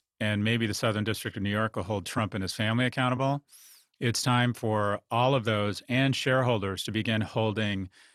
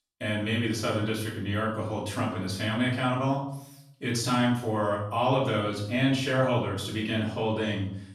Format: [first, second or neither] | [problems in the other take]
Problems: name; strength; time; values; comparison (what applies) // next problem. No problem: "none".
first | room echo; noticeable; dies away in 0.6 s // off-mic speech; far